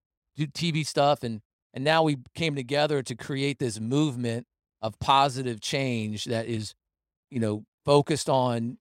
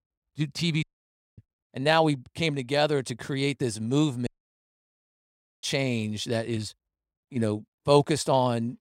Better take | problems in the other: first | audio cutting out; at 1 s for 0.5 s and at 4.5 s for 1.5 s

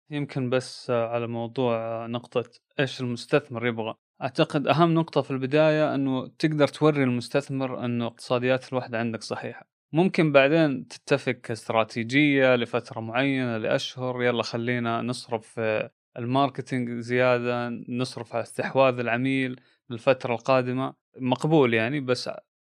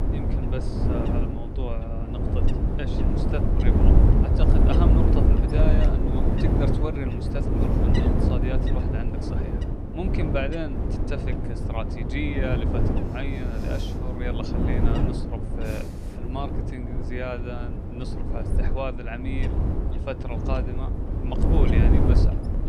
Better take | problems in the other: first | wind noise on the microphone; heavy; 2 dB above the speech

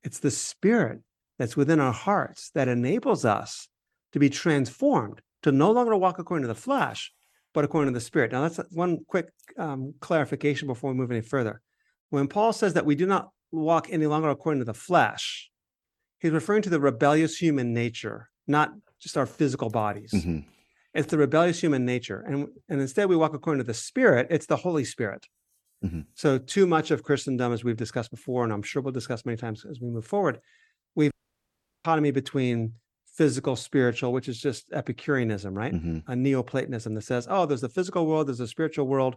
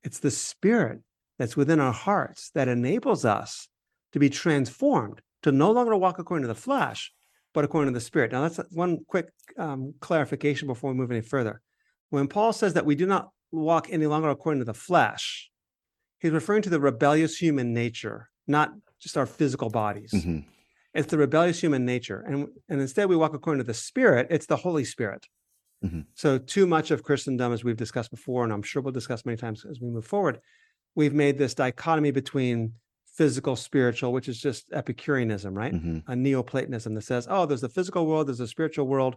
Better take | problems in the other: second | audio cutting out; at 31 s for 0.5 s

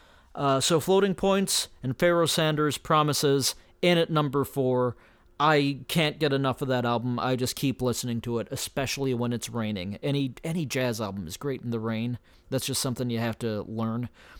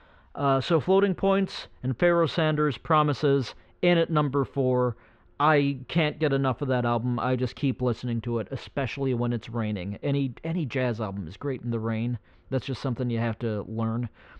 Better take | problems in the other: first | muffled; slightly; fading above 3 kHz

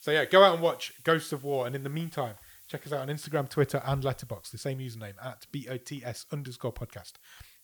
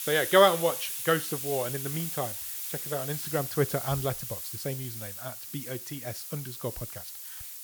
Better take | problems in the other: first | hiss; loud; throughout; 5 dB below the speech; faint in the first

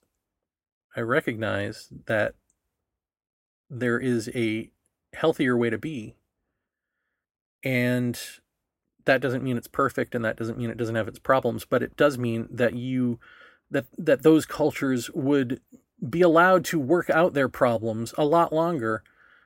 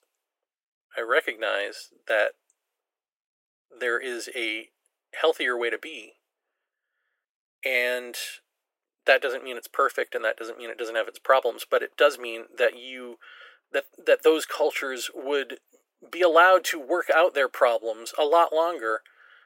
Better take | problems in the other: first | thin; very; fading below 400 Hz

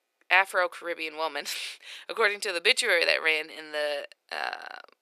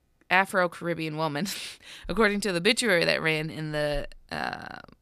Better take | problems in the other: second | thin; very; fading below 400 Hz

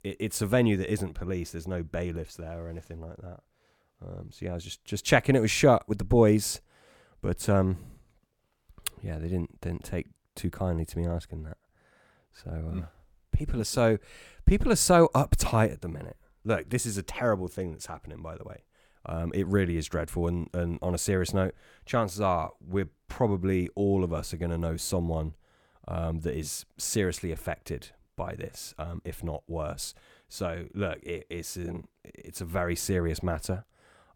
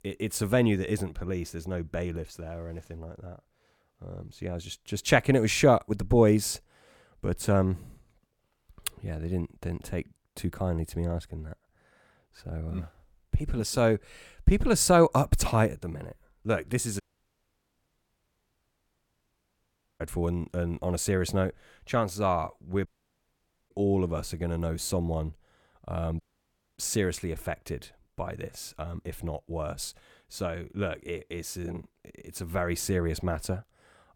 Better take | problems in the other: first | audio cutting out; at 17 s for 3 s, at 23 s for 1 s and at 26 s for 0.5 s

